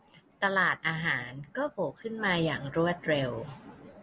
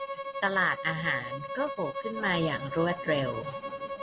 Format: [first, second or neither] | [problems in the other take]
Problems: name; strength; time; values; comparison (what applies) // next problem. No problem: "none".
first | background sound (Bowed string instrument); 6 dB below the speech